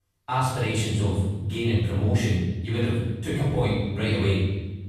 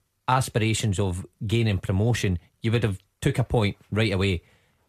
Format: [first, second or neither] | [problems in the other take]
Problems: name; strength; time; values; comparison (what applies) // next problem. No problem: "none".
second | off-mic speech; far // room echo; strong; dies away in 1.1 s